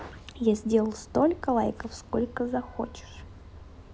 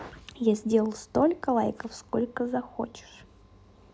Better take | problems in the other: second | background sound (Vehicle horn, car horn, honking); 17 dB below the speech

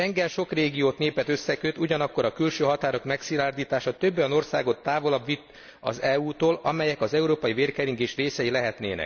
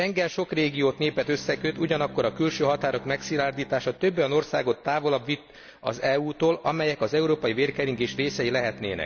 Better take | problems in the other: first | background sound (Bowed string instrument); 20 dB below the speech

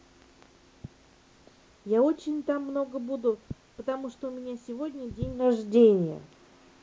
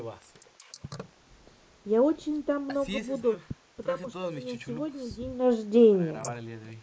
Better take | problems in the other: first | noise reduction (neural mask model Resemble Enhance denoiser)

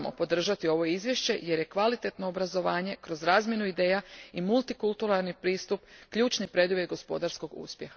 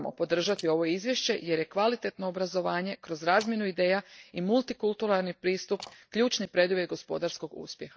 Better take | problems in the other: first | noise reduction (neural mask model DeepFilterNet 3)

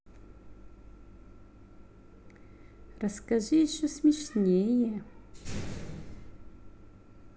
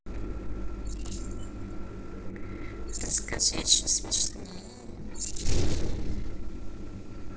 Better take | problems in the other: first | noise reduction (neural separator model SepFormer DNS4)

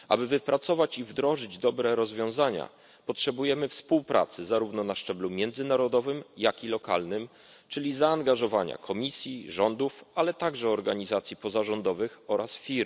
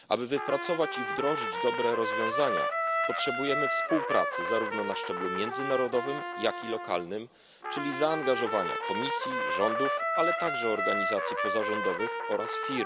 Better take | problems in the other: first | background sound (Trumpet); as loud as the speech

